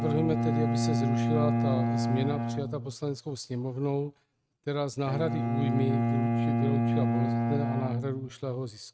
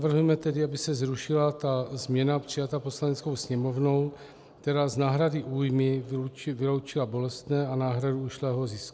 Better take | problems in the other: second | noise reduction (neural mask model RNNoise)

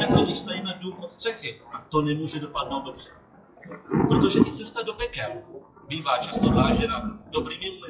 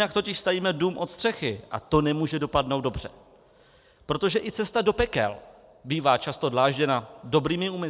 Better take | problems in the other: second | noise reduction (classical method WPE with log-MMSE)

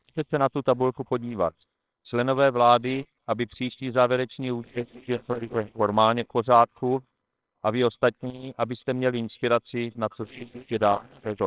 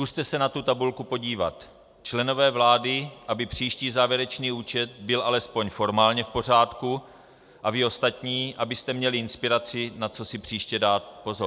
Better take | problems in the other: second | noise reduction (neural separator model SepFormer WHAMR!)

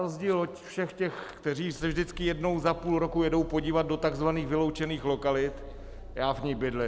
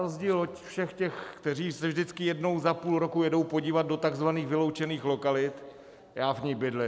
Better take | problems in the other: second | background sound (Idling / Engine starting / Door / Car); 14 dB below the speech

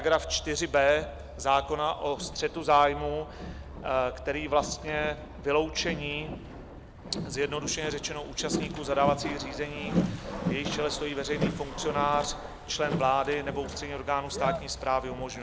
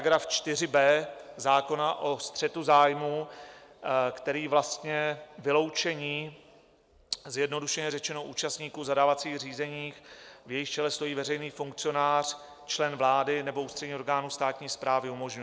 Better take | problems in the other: second | background sound (Boat, Water vehicle); 7 dB below the speech

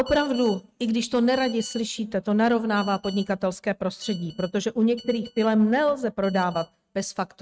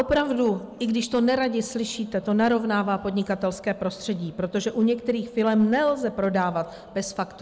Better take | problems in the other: second | noise reduction (neural mask model RNNoise)

